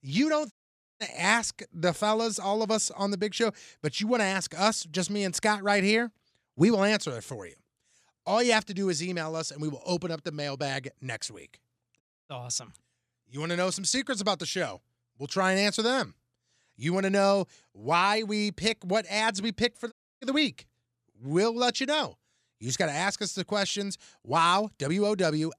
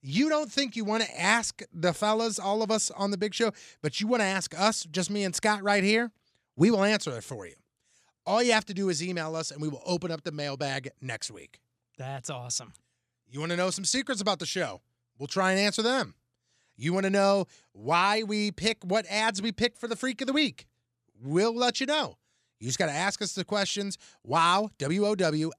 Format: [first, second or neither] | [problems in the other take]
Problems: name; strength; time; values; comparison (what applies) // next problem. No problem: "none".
second | audio cutting out; at 0.5 s, at 12 s and at 20 s